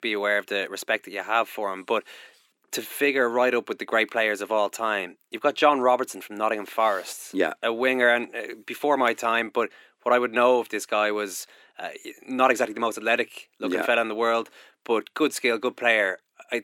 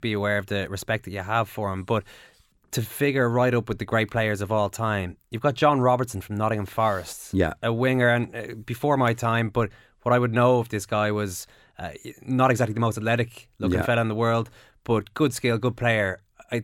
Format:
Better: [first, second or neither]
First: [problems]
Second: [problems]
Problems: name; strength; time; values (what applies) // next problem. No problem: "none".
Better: second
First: thin; somewhat; fading below 300 Hz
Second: none